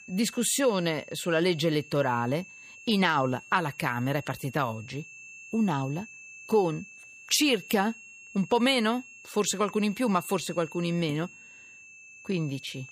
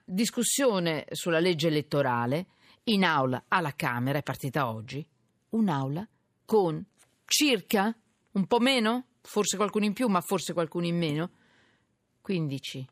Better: second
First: high-pitched whine; noticeable; throughout; 2.5 kHz, 20 dB below the speech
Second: none

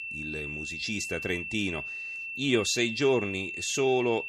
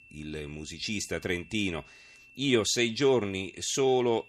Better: second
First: high-pitched whine; loud; throughout; 2.5 kHz, 6 dB below the speech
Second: high-pitched whine; faint; throughout; 2.5 kHz, 25 dB below the speech

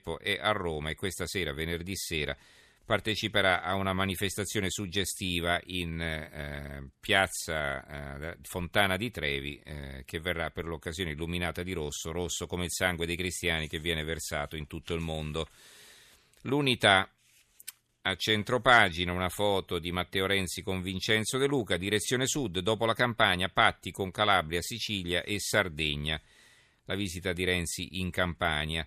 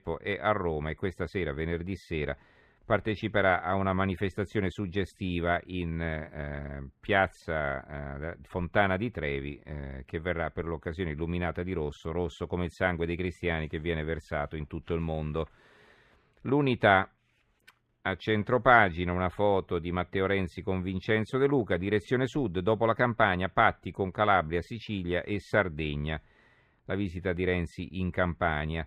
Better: first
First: none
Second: muffled; very; fading above 3.5 kHz

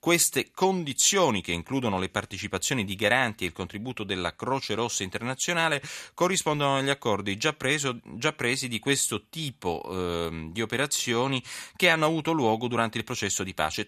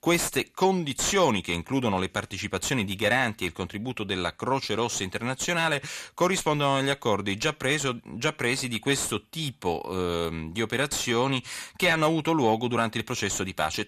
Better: first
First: none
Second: distortion; slight; 10 dB below the speech

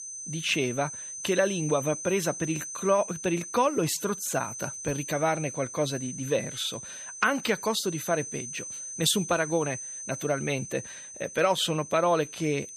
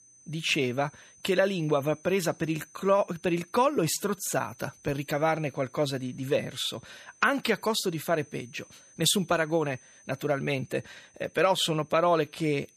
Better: second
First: high-pitched whine; loud; throughout; 6 kHz, 9 dB below the speech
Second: high-pitched whine; faint; throughout; 6 kHz, 25 dB below the speech

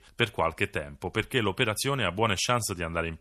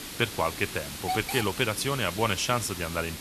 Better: first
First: none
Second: hiss; loud; throughout; 7 dB below the speech

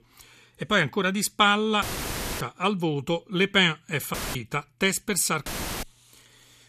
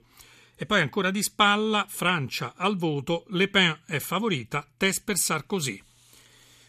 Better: second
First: audio cutting out; filled with static; at 2 s for 0.5 s, at 4 s and at 5.5 s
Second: none

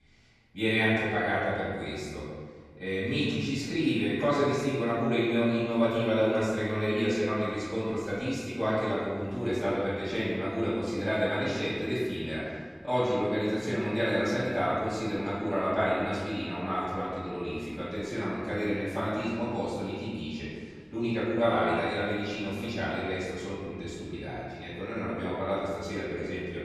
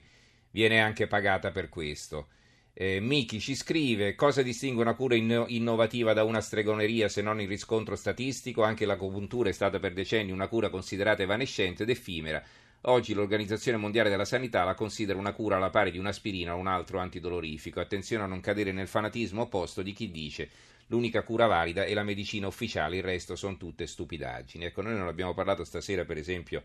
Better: second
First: off-mic speech; far // room echo; strong; dies away in 1.7 s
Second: none

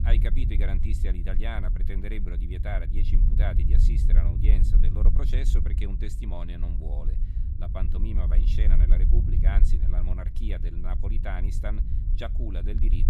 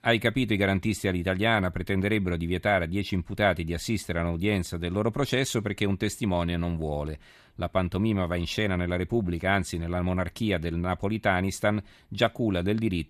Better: second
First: low rumble; loud; throughout; 5 dB below the speech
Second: none

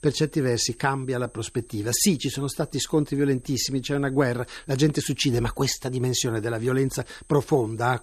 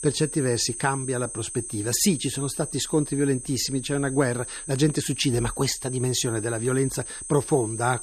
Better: first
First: high-pitched whine; faint; throughout; 8 kHz, 25 dB below the speech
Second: high-pitched whine; loud; throughout; 8 kHz, 8 dB below the speech

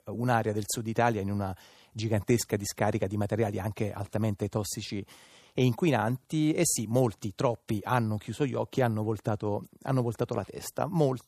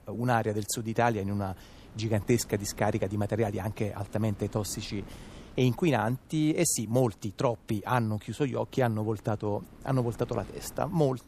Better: first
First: none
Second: wind noise on the microphone; occasional gusts; 25 dB below the speech

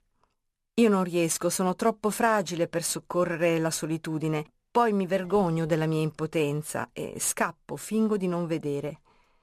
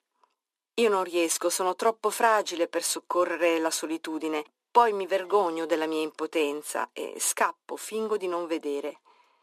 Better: first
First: none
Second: thin; very; fading below 300 Hz

